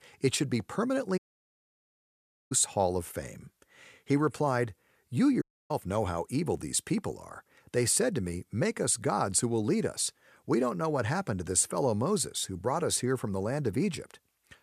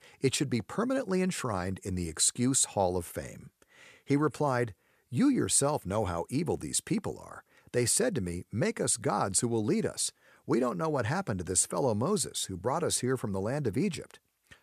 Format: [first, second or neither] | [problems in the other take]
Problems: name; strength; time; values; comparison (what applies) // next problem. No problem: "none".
second | audio cutting out; at 1 s for 1.5 s and at 5.5 s